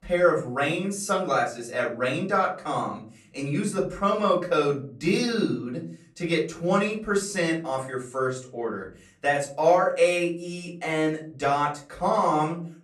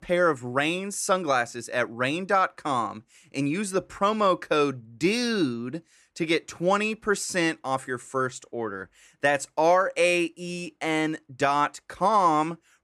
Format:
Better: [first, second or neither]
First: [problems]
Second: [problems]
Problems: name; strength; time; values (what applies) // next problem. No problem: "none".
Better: second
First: off-mic speech; far // room echo; slight; dies away in 0.4 s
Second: none